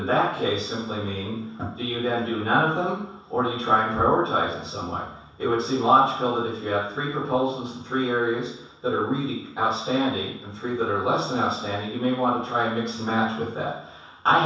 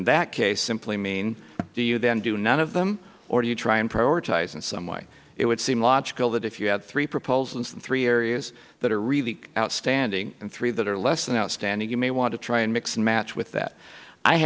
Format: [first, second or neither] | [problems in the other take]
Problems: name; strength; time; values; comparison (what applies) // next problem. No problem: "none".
second | room echo; dies away in 0.7 s